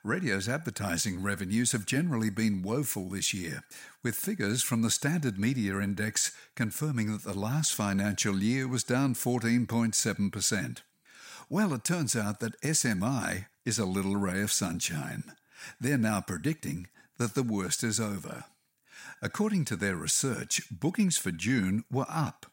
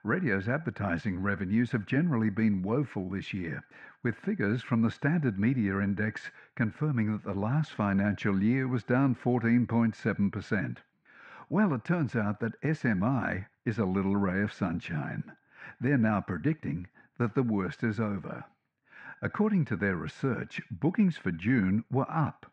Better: first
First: none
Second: muffled; very; fading above 2 kHz

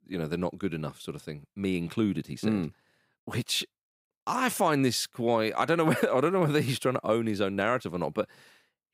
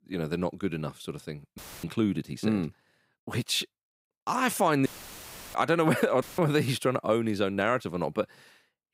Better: first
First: none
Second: audio cutting out; filled with static; at 1.5 s, at 5 s for 0.5 s and at 6 s

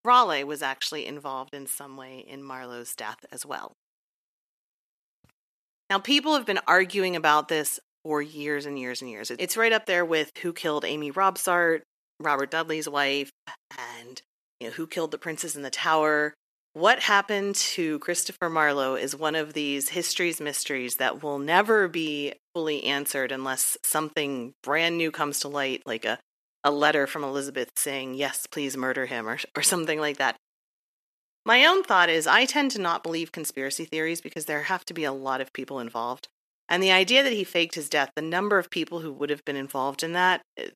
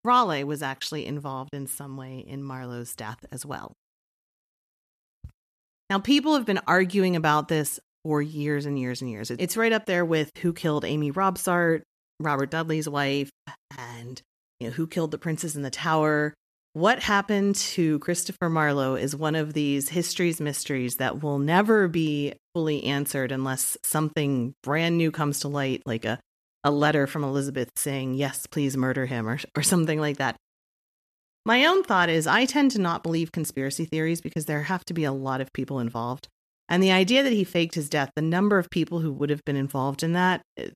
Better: second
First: thin; somewhat; fading below 400 Hz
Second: none

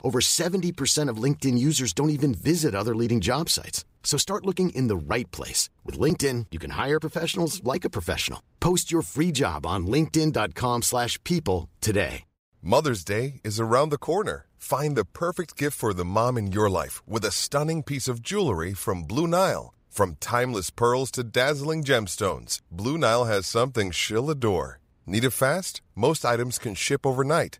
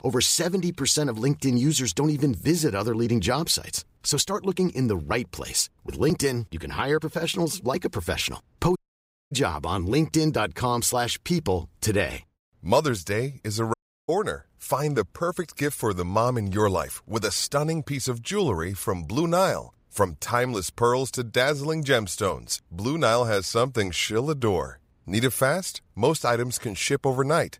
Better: first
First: none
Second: audio cutting out; at 9 s for 0.5 s and at 14 s

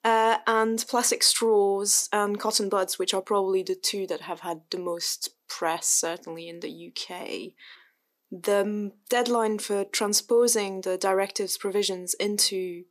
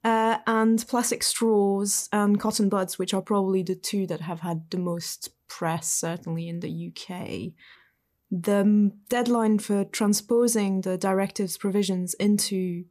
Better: second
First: thin; somewhat; fading below 300 Hz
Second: none

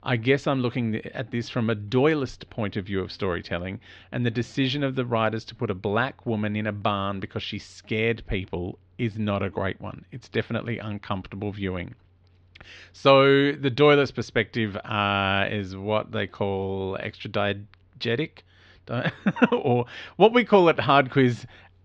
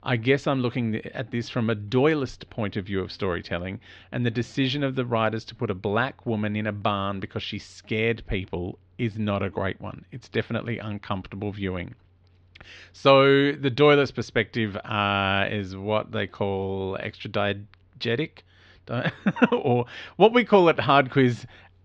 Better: neither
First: muffled; slightly; fading above 4 kHz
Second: muffled; slightly; fading above 4 kHz

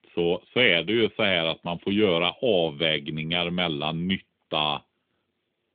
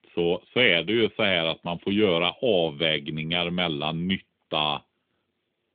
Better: neither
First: phone-call audio; nothing above 3.5 kHz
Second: phone-call audio; nothing above 3.5 kHz

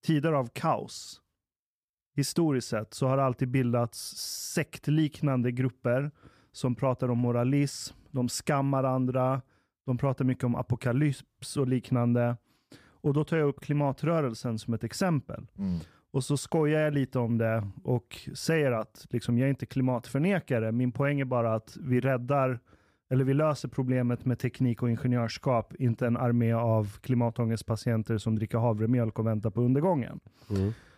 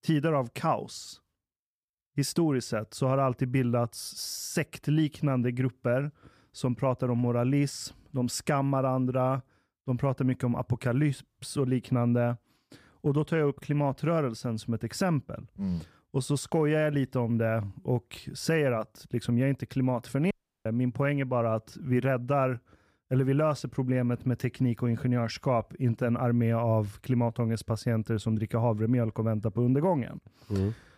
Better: first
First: none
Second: audio cutting out; at 20 s

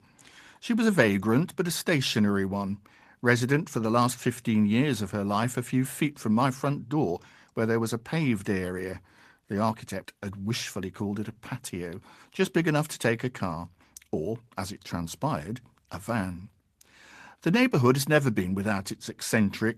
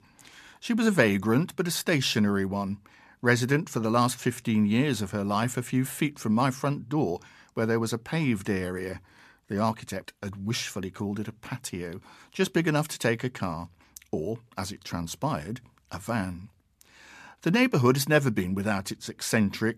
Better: second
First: garbled, watery; slightly; nothing above 14 kHz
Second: none

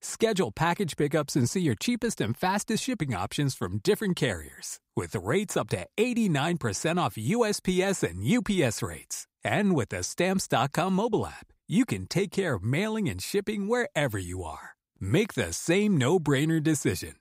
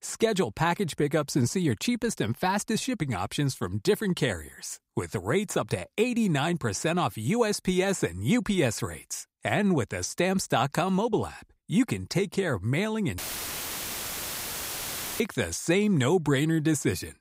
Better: first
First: none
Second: audio cutting out; filled with static; at 13 s for 2 s

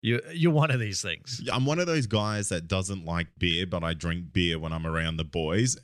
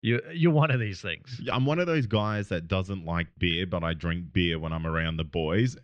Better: first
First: none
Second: muffled; slightly; fading above 3 kHz

